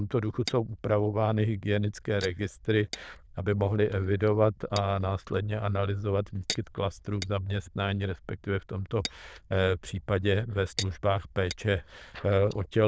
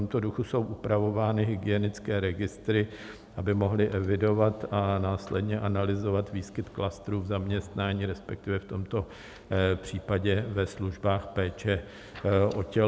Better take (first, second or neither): second